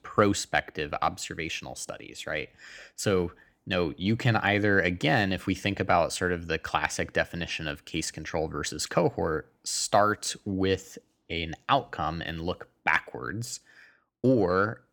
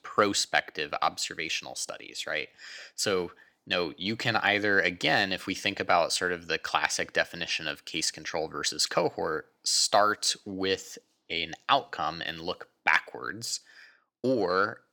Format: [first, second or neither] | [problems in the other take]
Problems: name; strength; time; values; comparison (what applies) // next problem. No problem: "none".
first | thin; very slightly; fading below 500 Hz